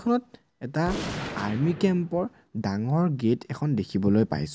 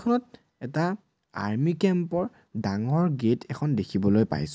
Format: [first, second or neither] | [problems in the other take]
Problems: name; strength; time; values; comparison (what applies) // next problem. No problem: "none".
second | background sound (Gunshot, gunfire); 14 dB below the speech